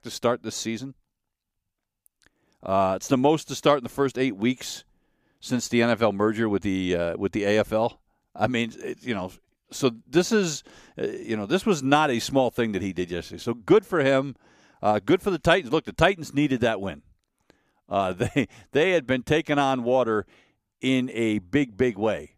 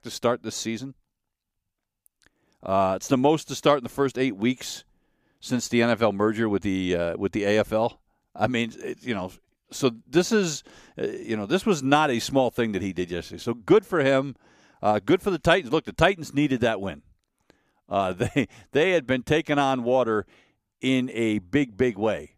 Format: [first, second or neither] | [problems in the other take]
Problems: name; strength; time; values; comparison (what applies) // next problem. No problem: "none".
neither | none